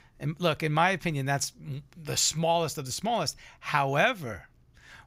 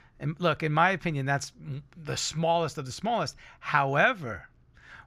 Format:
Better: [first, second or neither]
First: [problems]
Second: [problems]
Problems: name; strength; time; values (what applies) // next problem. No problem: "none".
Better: first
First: none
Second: muffled; very slightly; fading above 3.5 kHz